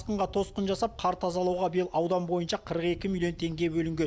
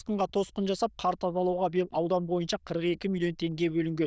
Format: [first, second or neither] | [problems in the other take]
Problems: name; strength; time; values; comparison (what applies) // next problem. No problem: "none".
first | noise reduction (neural diffusion model UNIVERSE++)